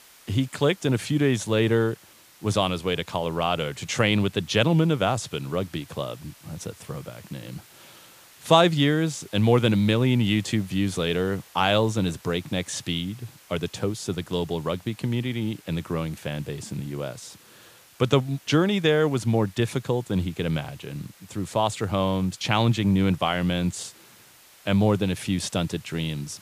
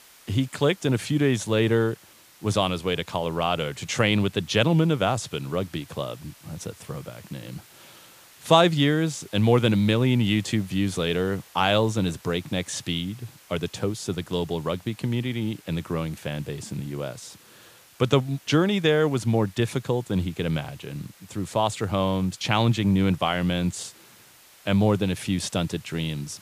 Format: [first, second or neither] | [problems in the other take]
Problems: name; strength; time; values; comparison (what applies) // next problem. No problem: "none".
neither | hiss; faint; throughout; 25 dB below the speech; the same in both